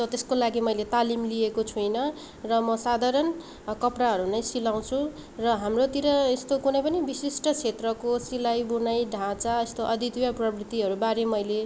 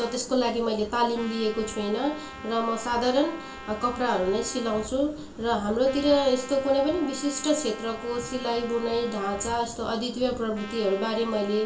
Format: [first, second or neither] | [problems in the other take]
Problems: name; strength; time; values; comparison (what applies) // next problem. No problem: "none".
first | background sound (Trumpet); 17 dB below the speech // room echo; dies away in 0.4 s